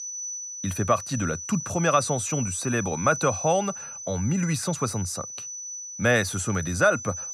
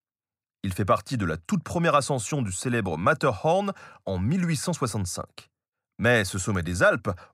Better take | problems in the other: second | high-pitched whine; loud; throughout; 6 kHz, 7 dB below the speech

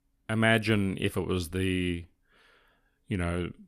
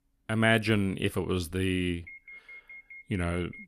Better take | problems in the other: first | alarm; faint; from 2 s on; peak 15 dB below the speech

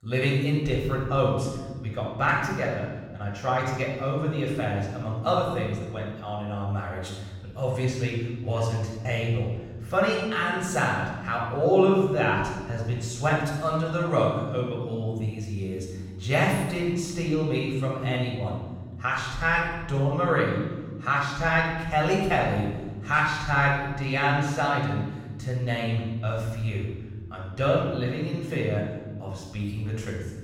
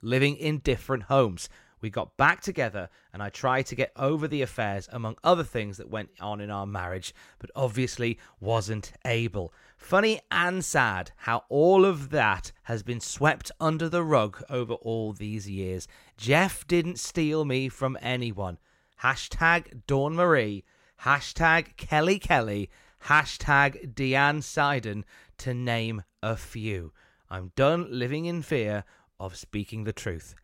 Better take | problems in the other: second | off-mic speech; far // room echo; noticeable; dies away in 1.6 s

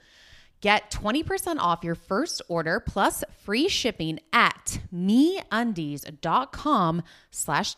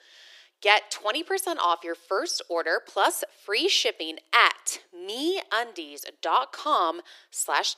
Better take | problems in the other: first | thin; very; fading below 350 Hz

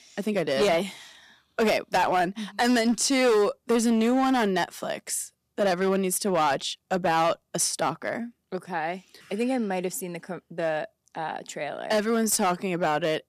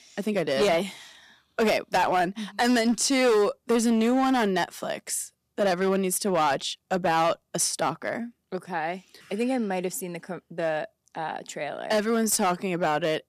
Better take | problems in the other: neither | distortion; slight; 7% of the sound clipped; the same in both

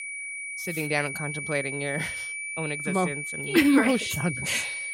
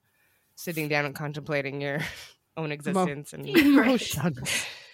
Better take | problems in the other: second | high-pitched whine; loud; throughout; 2.5 kHz, 5 dB below the speech

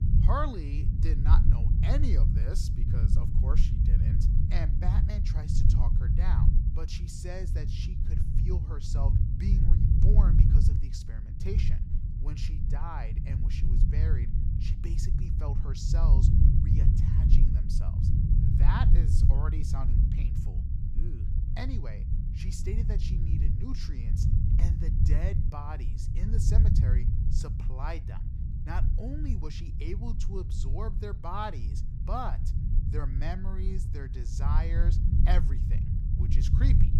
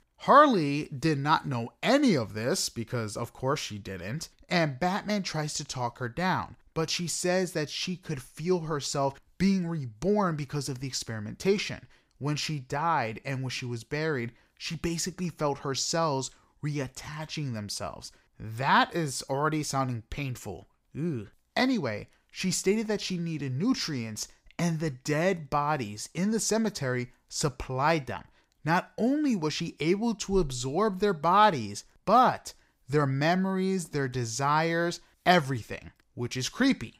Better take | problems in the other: second | low rumble; loud; throughout; 2 dB below the speech

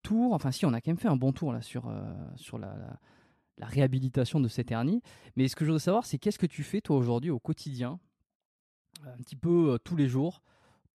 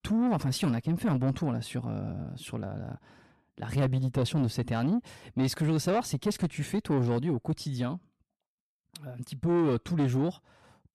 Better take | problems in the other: first | distortion; slight; 10 dB below the speech

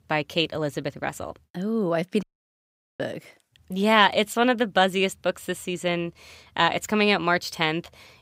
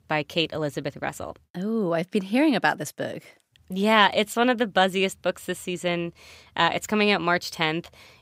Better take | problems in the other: second | audio cutting out; at 2 s for 1 s

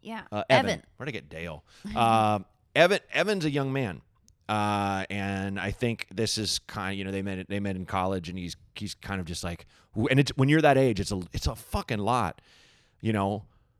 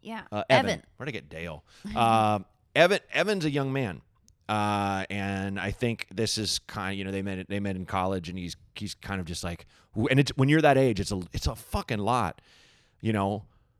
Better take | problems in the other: neither | none

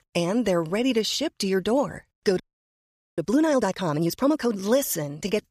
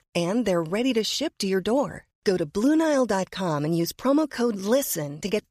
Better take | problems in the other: second | audio freezing; at 2.5 s for 1 s

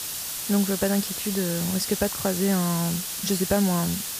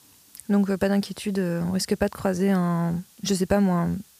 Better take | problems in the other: second | hiss; loud; throughout; 3 dB below the speech; faint in the second

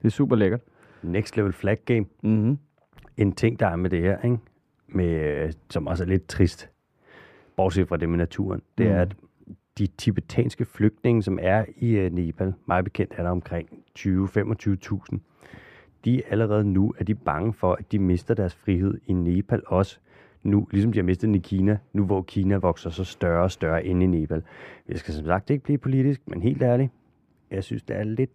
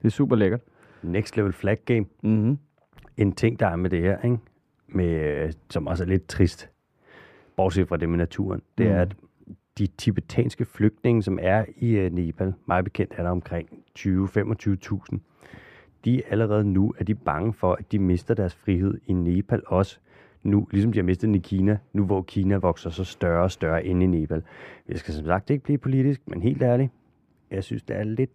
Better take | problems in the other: neither | muffled; slightly; fading above 3 kHz; the same in both

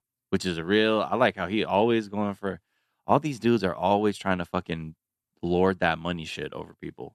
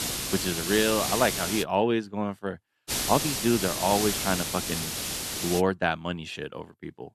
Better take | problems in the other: first | hiss; loud; until 1.5 s and from 3 to 5.5 s; 1 dB below the speech

